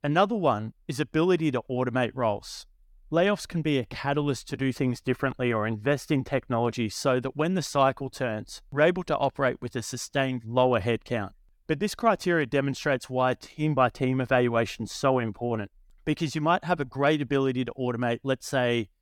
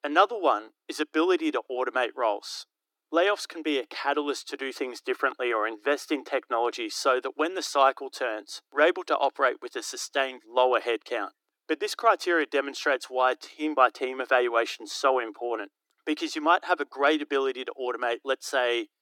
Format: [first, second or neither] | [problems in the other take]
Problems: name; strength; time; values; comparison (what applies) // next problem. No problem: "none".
first | thin; somewhat; fading below 300 Hz